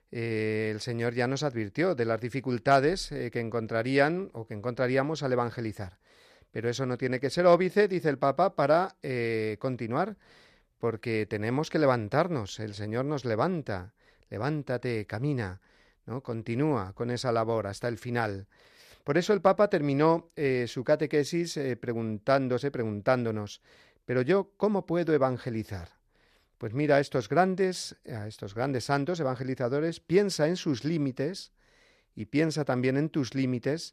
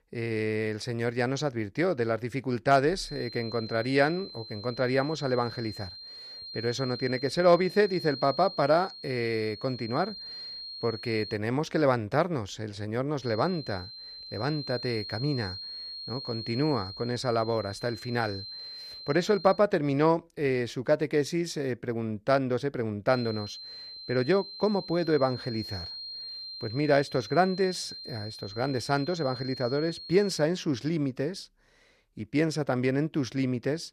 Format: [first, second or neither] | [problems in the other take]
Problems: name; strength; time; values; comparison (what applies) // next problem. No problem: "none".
first | high-pitched whine; noticeable; from 3 to 11 s, from 13 to 20 s and from 23 to 30 s; 4 kHz, 10 dB below the speech